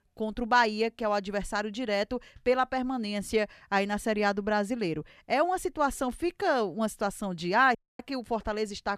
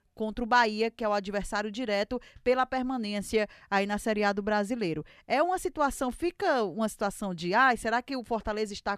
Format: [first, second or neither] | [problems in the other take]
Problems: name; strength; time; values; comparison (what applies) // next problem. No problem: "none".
second | audio cutting out; at 8 s